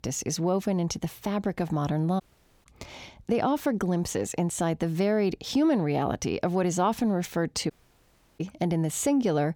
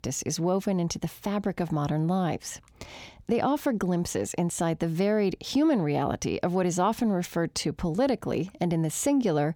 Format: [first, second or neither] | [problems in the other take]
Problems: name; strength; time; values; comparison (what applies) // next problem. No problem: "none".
second | audio cutting out; at 2 s and at 7.5 s for 0.5 s